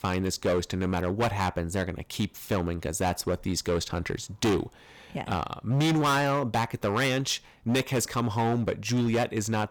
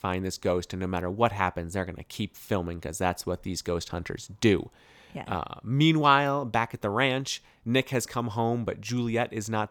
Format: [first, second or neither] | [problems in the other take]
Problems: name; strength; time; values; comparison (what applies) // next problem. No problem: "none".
second | distortion; heavy; 12% of the sound clipped